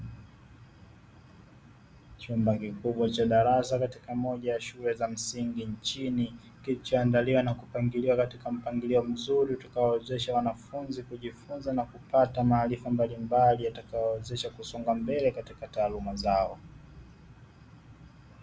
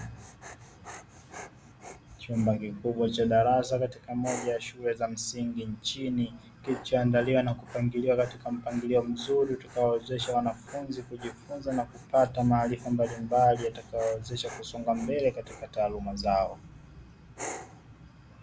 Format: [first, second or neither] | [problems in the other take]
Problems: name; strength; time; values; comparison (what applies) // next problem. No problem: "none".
first | background sound (Dog); 19 dB below the speech